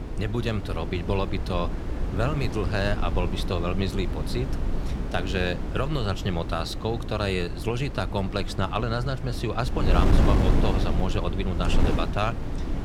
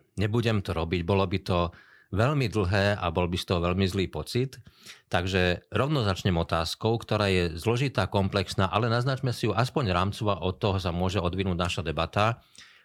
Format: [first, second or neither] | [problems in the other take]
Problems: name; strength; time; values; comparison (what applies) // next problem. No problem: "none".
second | wind noise on the microphone; heavy; 6 dB below the speech